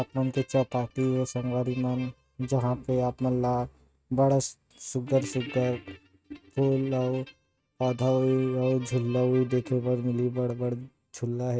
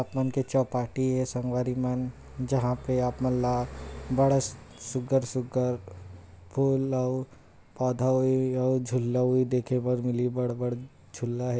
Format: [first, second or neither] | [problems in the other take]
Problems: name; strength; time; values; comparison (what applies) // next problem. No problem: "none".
second | noise reduction (neural mask model RNNoise)